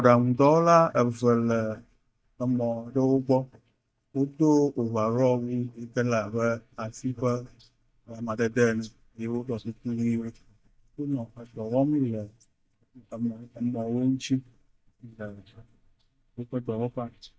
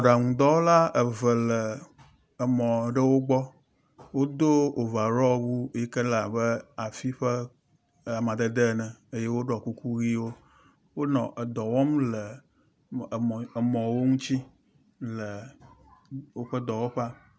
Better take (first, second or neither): second